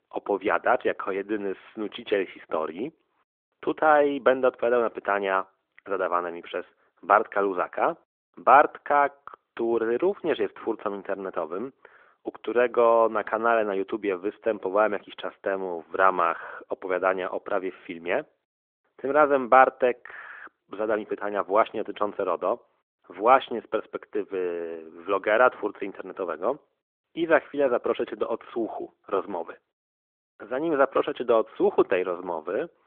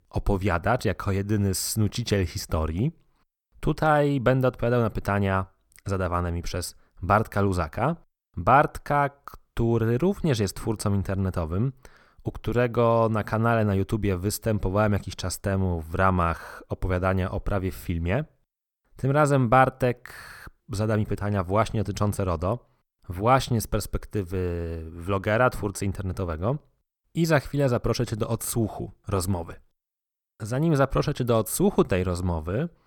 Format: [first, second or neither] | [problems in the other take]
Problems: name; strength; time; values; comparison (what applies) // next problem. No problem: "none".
second | phone-call audio; nothing above 3.5 kHz